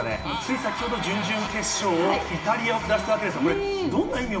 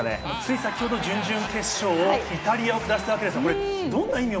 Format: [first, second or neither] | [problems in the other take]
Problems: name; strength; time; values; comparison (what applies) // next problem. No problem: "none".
second | room echo; dies away in 1.2 s